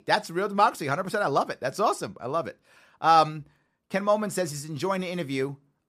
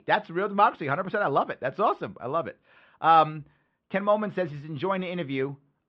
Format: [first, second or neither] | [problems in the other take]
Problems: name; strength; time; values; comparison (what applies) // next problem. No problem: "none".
first | muffled; very; fading above 3.5 kHz